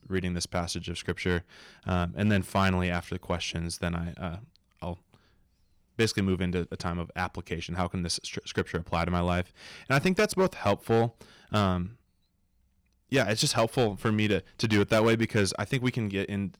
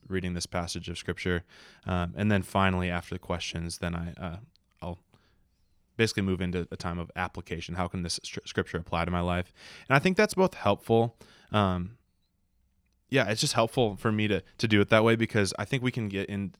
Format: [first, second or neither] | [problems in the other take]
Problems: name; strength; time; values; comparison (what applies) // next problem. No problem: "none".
second | distortion; slight; 3% of the sound clipped